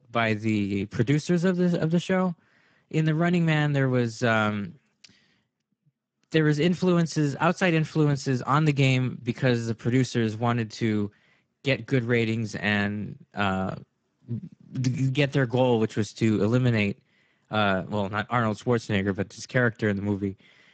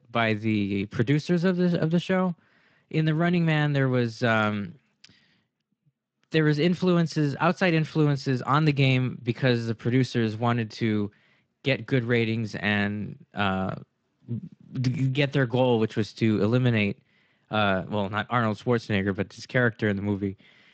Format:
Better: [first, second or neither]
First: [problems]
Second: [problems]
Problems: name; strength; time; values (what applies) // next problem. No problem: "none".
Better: second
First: garbled, watery; badly; nothing above 8 kHz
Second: garbled, watery; slightly